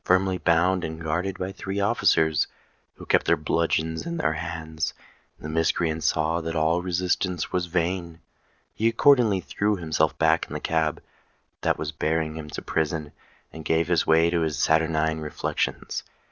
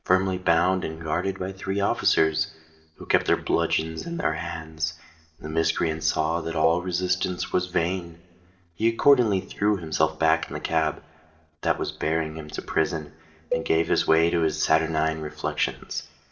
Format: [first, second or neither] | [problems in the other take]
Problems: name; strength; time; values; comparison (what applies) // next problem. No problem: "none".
first | background sound (Cowbell); 10 dB below the speech // room echo; dies away in 1.4 s